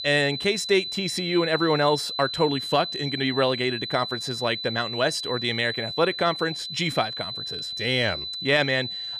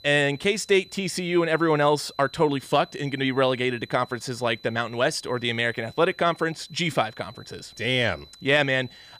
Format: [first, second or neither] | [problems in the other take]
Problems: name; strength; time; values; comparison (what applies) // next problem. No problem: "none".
second | high-pitched whine; loud; throughout; 4 kHz, 5 dB below the speech; faint in the second